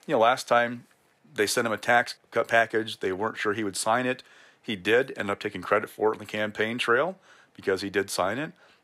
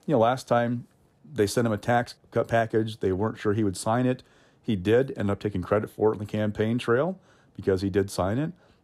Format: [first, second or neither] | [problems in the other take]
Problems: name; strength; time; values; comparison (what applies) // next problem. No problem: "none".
second | thin; somewhat; fading below 850 Hz